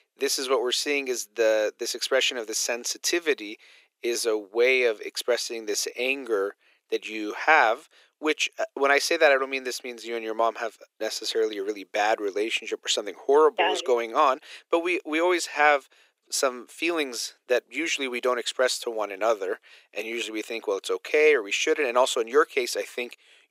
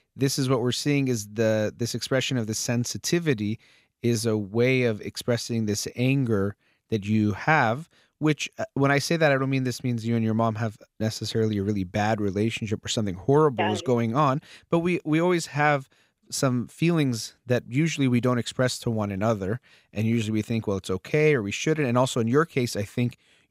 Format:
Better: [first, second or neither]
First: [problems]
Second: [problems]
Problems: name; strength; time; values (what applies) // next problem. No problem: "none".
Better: second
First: thin; very; fading below 350 Hz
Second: none